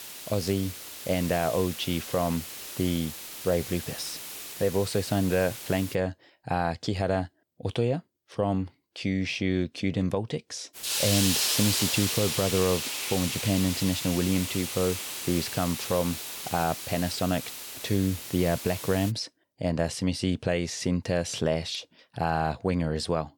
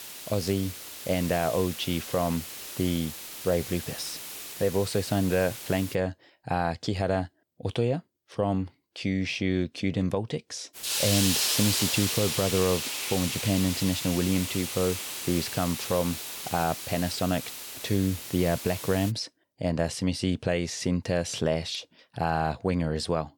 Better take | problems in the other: neither | hiss; loud; until 6 s and from 11 to 19 s; 3 dB below the speech; the same in both

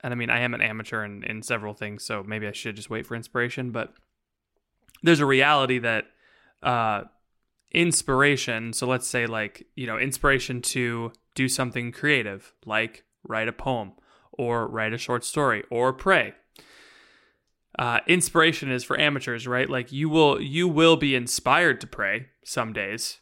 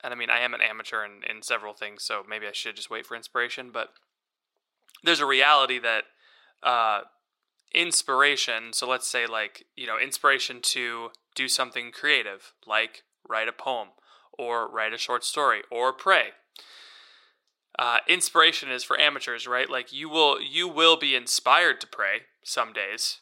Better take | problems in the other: first | thin; very; fading below 600 Hz

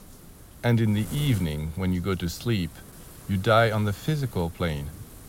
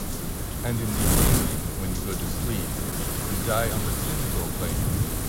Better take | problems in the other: first | wind noise on the microphone; heavy; 3 dB above the speech; occasional gusts in the first

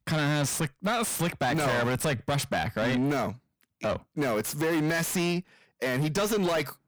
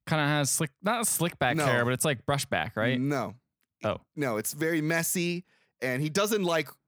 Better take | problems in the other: second | distortion; heavy; 6 dB below the speech

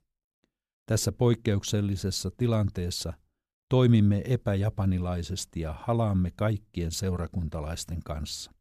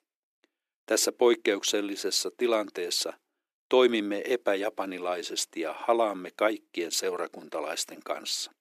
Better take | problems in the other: first | thin; very; fading below 300 Hz

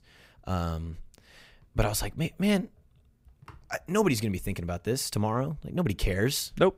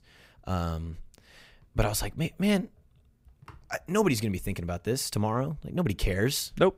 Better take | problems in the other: neither | none

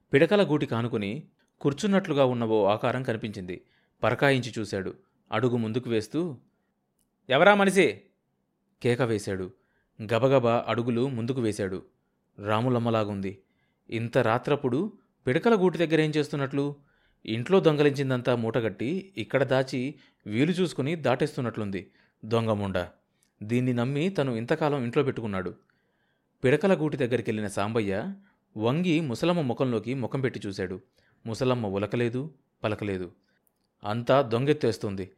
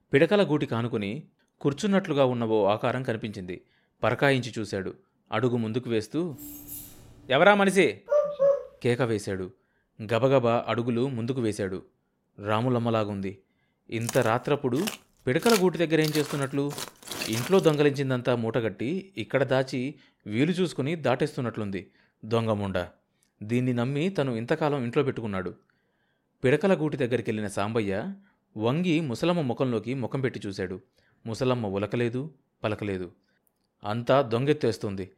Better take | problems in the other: first | jangling keys; faint; from 6.5 to 7.5 s; peak 10 dB below the speech // dog barking; loud; at 8 s; peak 4 dB above the speech // footsteps; noticeable; from 14 to 18 s; peak 3 dB below the speech

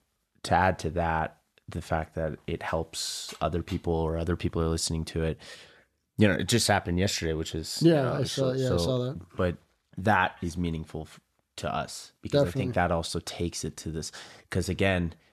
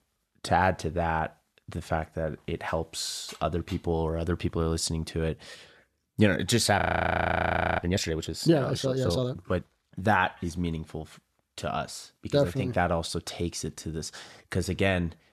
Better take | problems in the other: first | audio freezing; at 7 s for 1 s

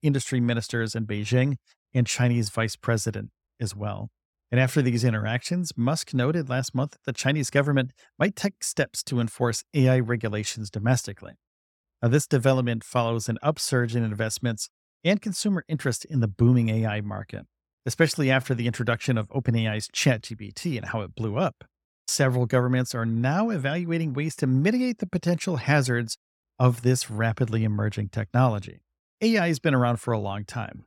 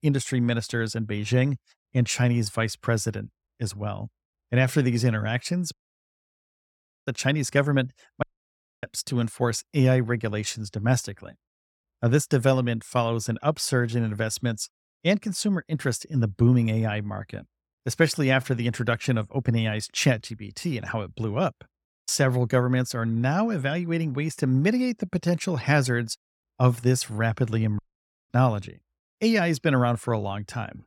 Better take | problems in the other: first | audio cutting out; at 5.5 s for 1.5 s, at 8 s for 0.5 s and at 28 s for 0.5 s

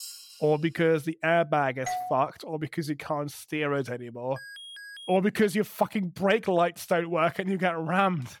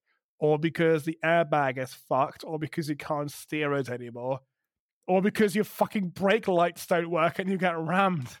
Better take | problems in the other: second | clattering dishes; faint; at the start; peak 15 dB below the speech // doorbell; noticeable; at 2 s; peak 6 dB below the speech // alarm; faint; at 4.5 s; peak 15 dB below the speech

